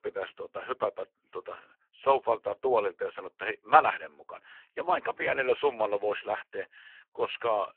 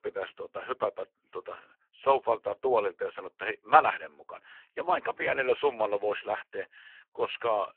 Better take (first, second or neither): neither